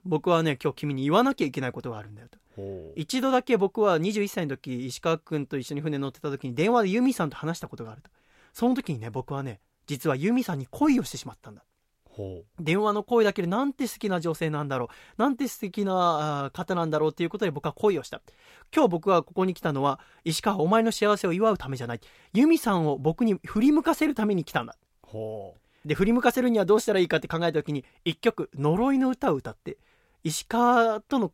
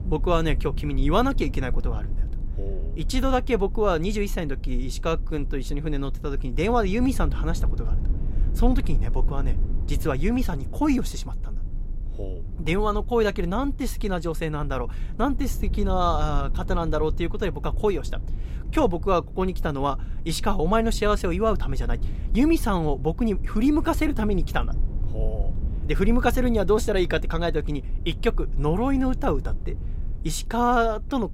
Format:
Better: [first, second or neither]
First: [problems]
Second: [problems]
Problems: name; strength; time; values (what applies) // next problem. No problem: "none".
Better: first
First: none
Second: low rumble; faint; throughout; 20 dB below the speech